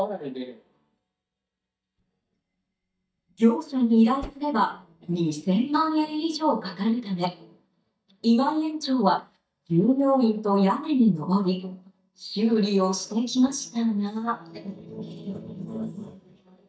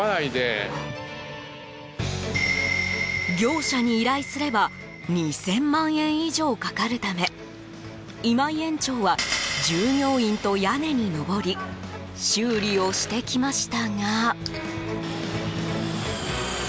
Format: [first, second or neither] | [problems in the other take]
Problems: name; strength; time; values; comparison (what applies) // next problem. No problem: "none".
second | noise reduction (neural mask model DeepFilterNet 3)